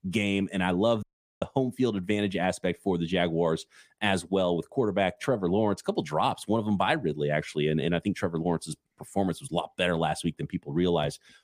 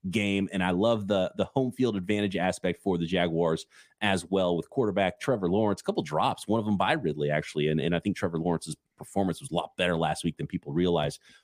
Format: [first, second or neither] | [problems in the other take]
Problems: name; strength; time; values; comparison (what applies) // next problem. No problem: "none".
second | audio cutting out; at 1 s